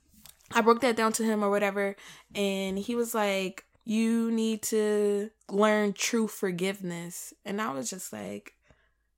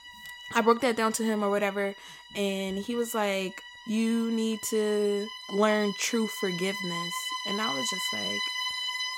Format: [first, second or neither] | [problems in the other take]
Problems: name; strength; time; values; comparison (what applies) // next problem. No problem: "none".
first | background music; loud; throughout; 6 dB below the speech